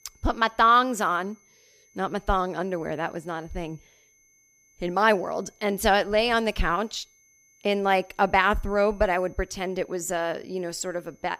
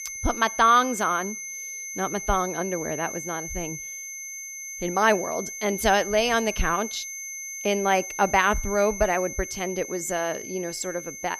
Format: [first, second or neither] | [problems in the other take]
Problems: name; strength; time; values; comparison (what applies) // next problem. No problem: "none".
first | high-pitched whine; loud; throughout; 6 kHz, 8 dB below the speech; faint in the first